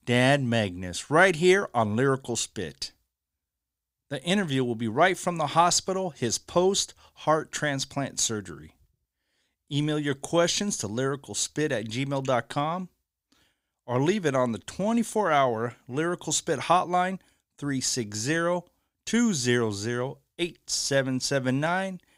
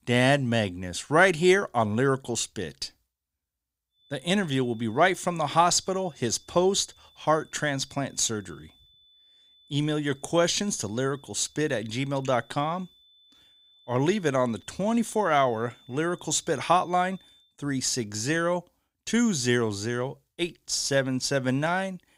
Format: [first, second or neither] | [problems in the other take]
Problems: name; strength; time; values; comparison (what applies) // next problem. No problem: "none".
first | high-pitched whine; faint; from 4 to 17 s; 3.5 kHz, 30 dB below the speech